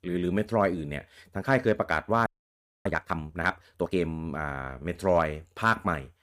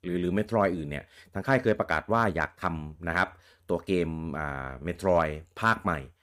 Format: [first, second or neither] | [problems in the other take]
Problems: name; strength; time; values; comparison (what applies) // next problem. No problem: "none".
second | audio freezing; at 2.5 s for 0.5 s